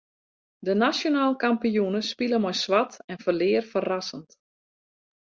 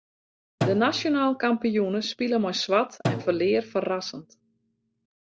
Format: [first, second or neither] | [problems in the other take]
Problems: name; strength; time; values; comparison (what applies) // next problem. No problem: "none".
first | background sound (Drum); 9 dB below the speech